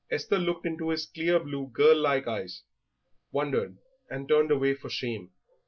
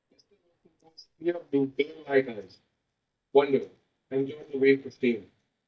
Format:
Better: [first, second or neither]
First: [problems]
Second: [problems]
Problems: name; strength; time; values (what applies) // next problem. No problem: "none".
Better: first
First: none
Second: noise reduction (neural mask model DeepFilterNet 3)